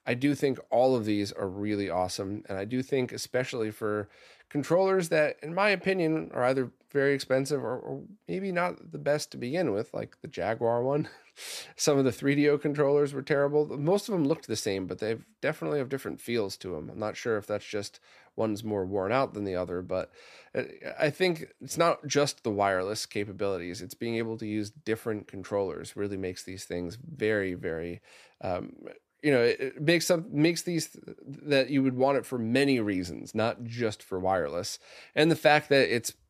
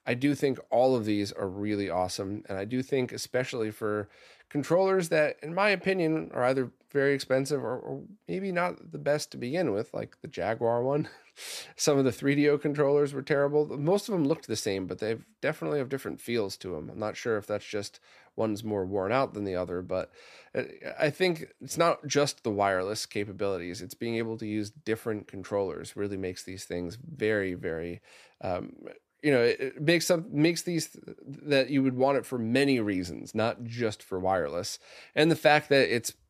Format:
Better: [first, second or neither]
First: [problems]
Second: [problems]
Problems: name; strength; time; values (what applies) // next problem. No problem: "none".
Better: neither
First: none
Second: none